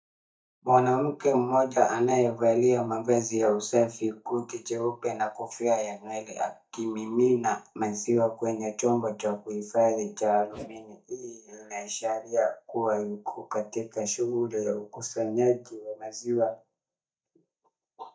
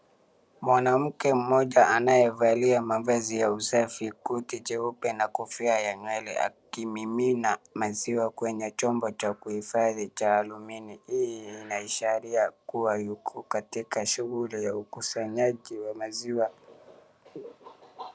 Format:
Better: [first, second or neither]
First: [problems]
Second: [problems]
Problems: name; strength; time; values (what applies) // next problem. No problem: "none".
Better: second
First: noise reduction (neural mask model DeepFilterNet 3)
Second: none